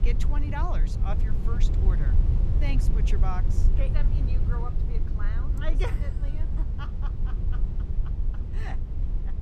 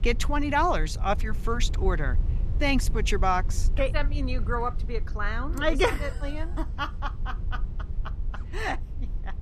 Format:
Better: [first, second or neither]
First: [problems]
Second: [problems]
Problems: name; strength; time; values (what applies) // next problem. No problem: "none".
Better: second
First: low rumble; loud; throughout; 4 dB below the speech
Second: low rumble; faint; throughout; 20 dB below the speech